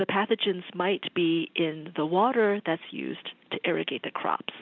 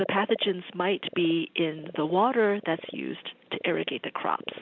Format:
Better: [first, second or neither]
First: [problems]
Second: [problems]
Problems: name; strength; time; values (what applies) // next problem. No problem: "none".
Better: first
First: none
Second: background sound (Frog); 16 dB below the speech